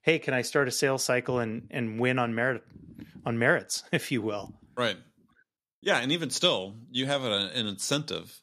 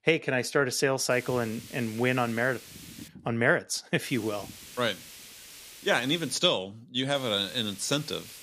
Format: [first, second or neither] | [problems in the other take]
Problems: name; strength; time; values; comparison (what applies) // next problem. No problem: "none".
first | hiss; noticeable; from 1 to 3 s, from 4 to 6.5 s and from 7 s on; 15 dB below the speech